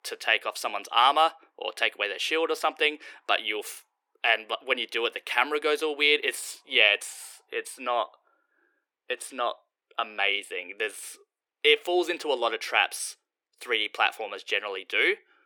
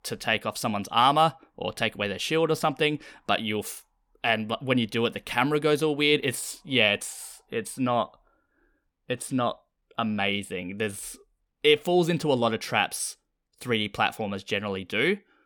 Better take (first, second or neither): second